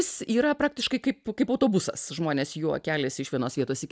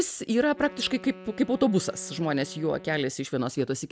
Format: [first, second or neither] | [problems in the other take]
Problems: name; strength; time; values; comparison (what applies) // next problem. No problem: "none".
first | background sound (Wind instrument, woodwind instrument); 19 dB below the speech